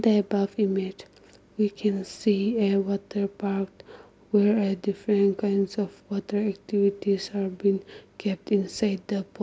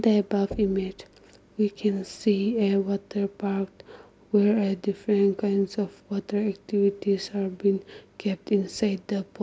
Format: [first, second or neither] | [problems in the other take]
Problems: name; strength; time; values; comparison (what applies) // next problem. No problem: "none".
first | background sound (Knock / Wood); 19 dB below the speech